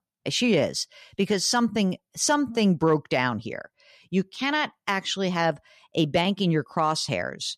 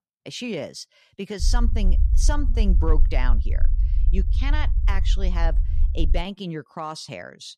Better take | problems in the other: first | low rumble; noticeable; from 1.5 to 6 s; 15 dB below the speech

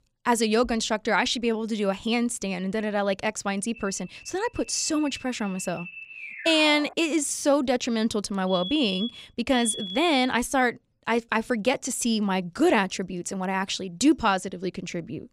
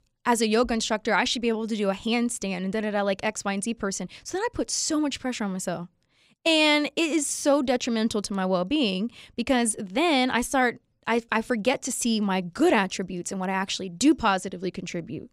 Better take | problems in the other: second | alarm; faint; from 4 to 7 s; peak 10 dB below the speech // alarm; noticeable; from 8.5 to 10 s; peak 6 dB below the speech

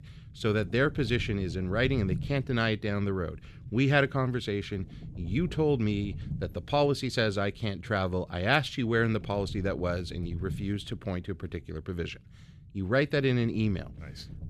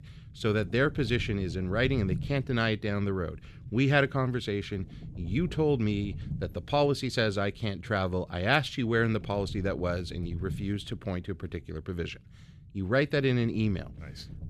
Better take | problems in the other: neither | low rumble; faint; throughout; 25 dB below the speech; the same in both

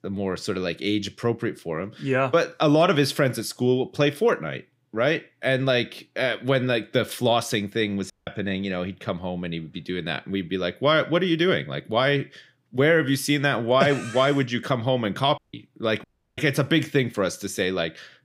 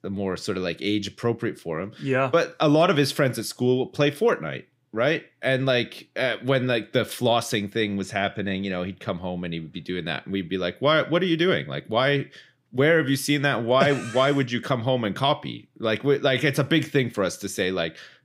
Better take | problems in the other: second | audio cutting out; at 8 s, at 15 s and at 16 s

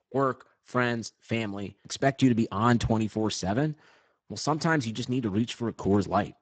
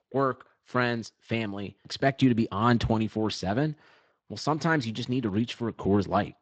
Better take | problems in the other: second | garbled, watery; badly; nothing above 8 kHz; slightly in the second

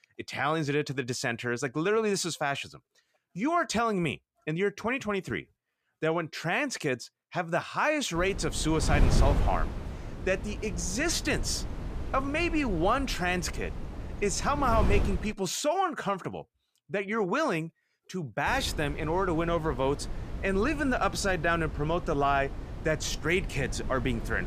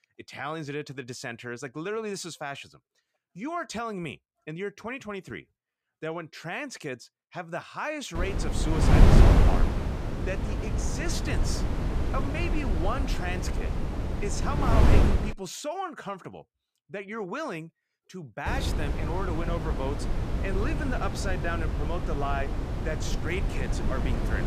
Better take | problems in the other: first | wind noise on the microphone; heavy; from 8 to 15 s and from 18 s on; as loud as the speech; occasional gusts in the first

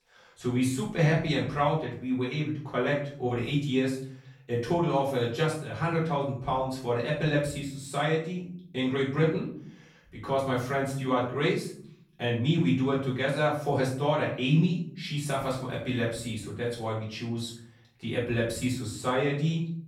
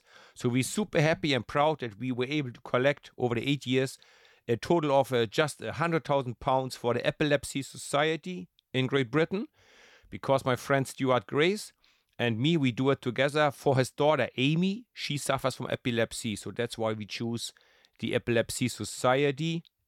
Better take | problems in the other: second | off-mic speech; far // room echo; noticeable; dies away in 0.6 s

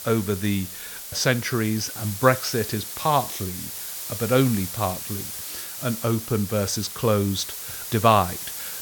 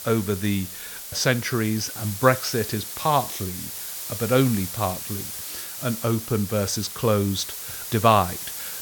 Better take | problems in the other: neither | hiss; loud; throughout; 8 dB below the speech; the same in both

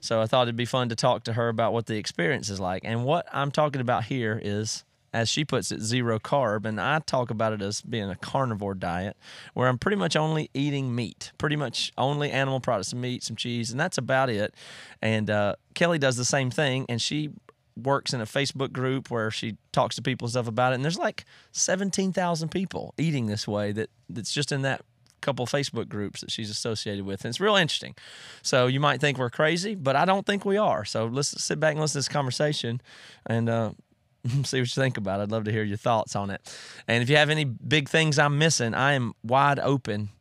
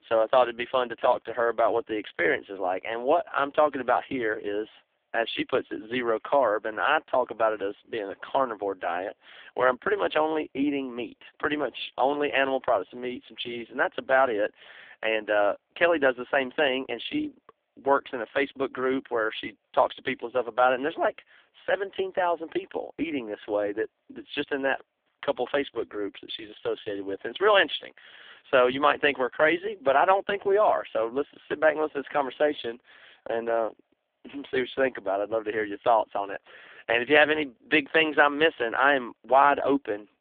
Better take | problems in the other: first | phone-call audio; poor line; nothing above 3.5 kHz

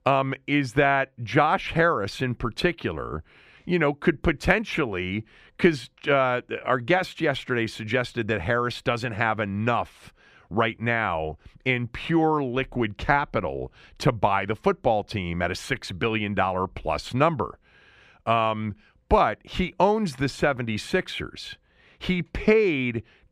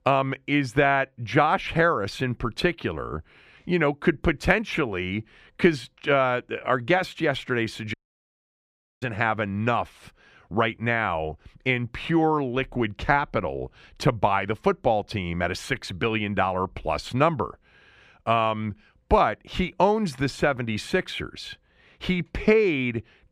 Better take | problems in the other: first | audio cutting out; at 8 s for 1 s

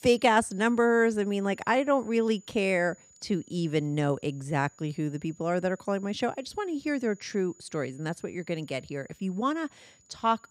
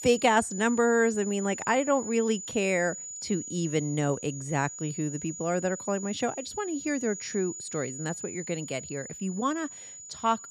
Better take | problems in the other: first | high-pitched whine; loud; throughout; 7 kHz, 9 dB below the speech; faint in the first

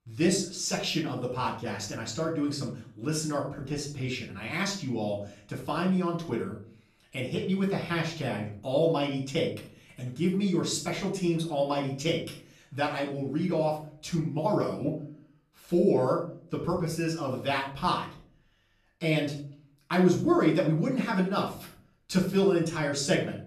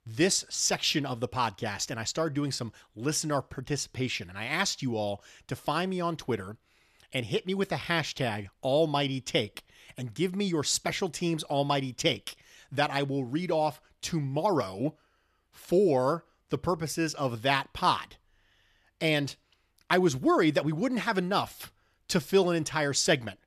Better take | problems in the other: second | room echo; slight; dies away in 0.4 s // off-mic speech; far

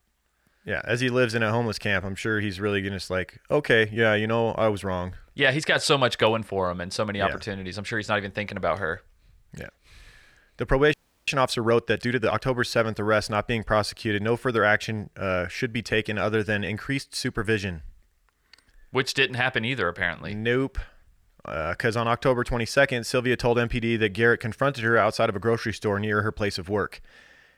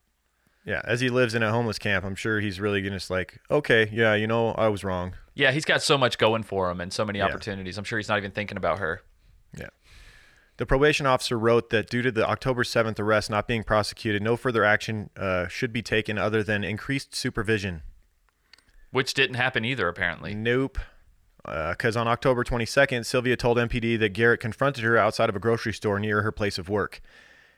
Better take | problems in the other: second | audio freezing; at 11 s

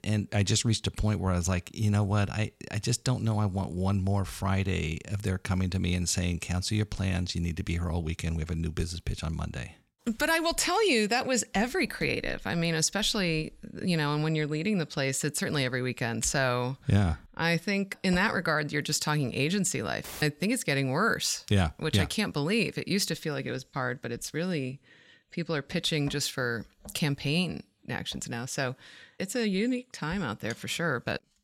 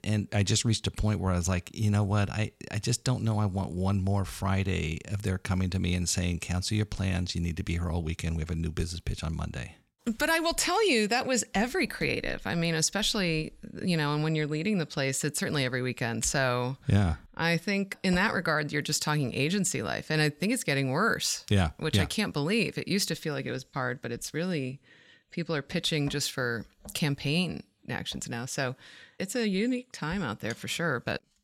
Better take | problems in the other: second | audio cutting out; filled with static; at 20 s

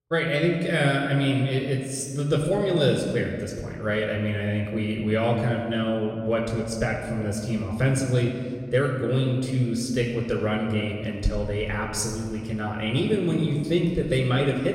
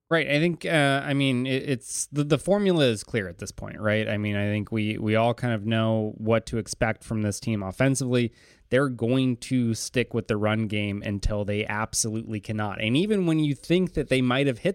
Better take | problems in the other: second | off-mic speech; somewhat distant // room echo; noticeable; dies away in 1.8 s

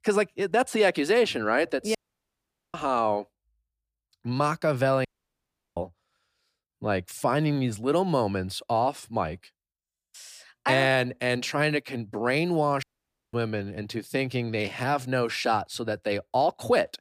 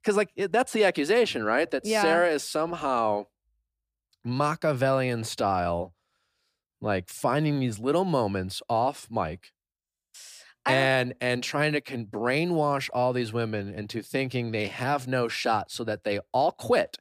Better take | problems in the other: second | audio cutting out; at 2 s for 1 s, at 5 s for 0.5 s and at 13 s for 0.5 s

